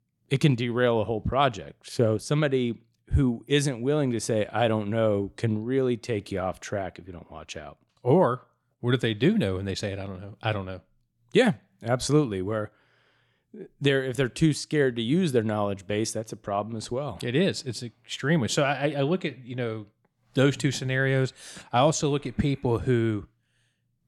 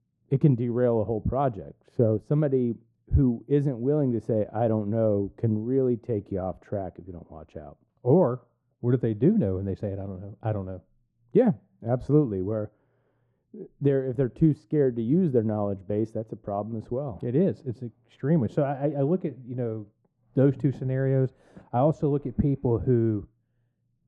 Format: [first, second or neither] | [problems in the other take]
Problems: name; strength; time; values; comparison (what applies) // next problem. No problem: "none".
first | muffled; very; fading above 1.5 kHz